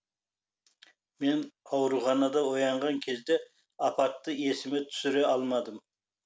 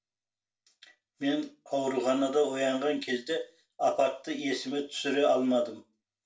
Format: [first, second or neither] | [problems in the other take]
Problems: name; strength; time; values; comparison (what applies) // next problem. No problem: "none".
first | room echo; dies away in 0.2 s